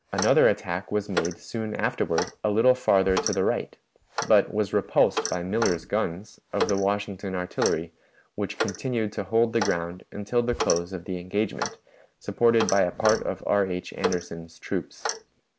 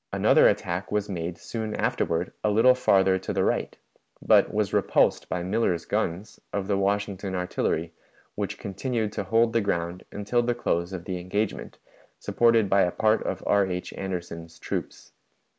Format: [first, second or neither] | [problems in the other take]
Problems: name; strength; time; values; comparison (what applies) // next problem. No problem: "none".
second | background sound (Clock); 9 dB below the speech